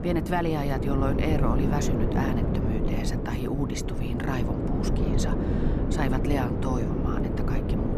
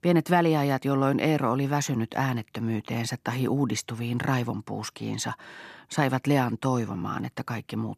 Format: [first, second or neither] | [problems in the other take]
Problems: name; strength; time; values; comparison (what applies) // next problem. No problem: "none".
second | wind noise on the microphone; heavy; 1 dB below the speech